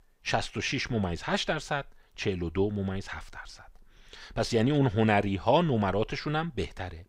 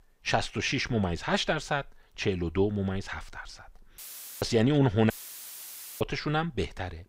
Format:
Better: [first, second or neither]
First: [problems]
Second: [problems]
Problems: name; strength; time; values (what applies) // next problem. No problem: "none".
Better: first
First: none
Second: audio cutting out; filled with static; at 4 s and at 5 s for 1 s